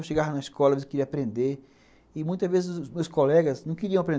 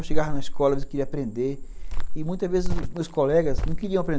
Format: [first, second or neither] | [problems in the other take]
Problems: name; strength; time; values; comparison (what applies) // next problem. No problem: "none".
first | background sound (Cricket); 3 dB above the speech